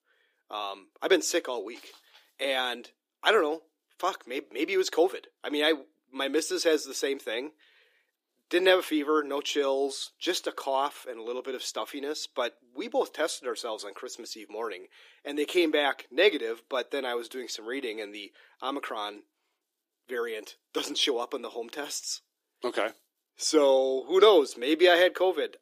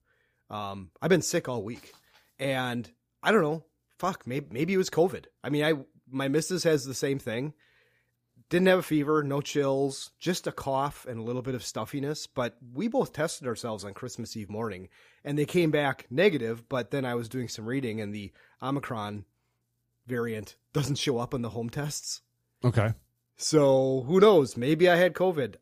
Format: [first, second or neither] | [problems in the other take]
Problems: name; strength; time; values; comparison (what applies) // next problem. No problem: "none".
second | thin; somewhat; fading below 300 Hz